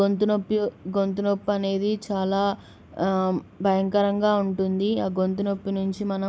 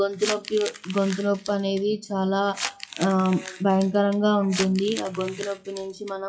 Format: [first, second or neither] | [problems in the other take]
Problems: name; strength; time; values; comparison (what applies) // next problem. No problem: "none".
first | noise reduction (classical method WPE with log-MMSE)